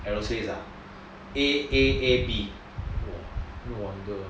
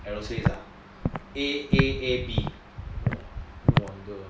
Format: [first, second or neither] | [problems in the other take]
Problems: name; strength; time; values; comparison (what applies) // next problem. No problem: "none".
first | background sound (Walk, footsteps); 3 dB above the speech